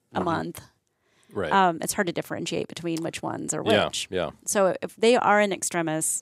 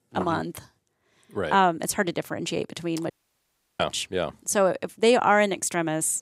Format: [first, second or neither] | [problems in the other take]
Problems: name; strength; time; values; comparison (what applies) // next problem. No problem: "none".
first | audio cutting out; at 3 s for 0.5 s